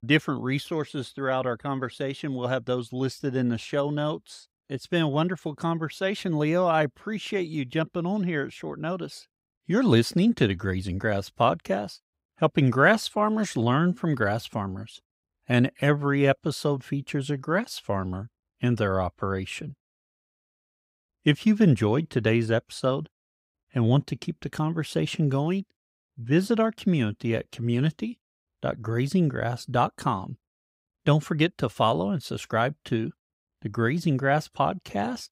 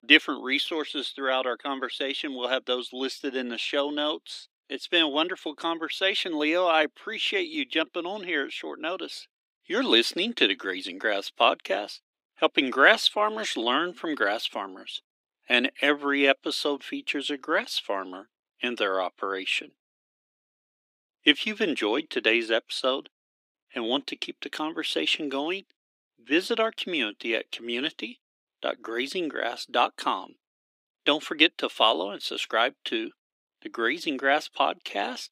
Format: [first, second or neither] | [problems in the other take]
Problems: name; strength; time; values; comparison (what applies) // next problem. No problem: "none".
first | thin; somewhat; fading below 300 Hz